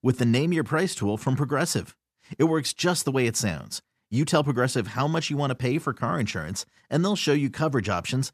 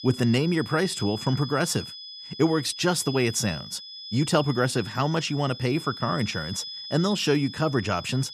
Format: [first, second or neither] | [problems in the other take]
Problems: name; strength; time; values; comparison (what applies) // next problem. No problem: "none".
first | high-pitched whine; noticeable; throughout; 5 kHz, 10 dB below the speech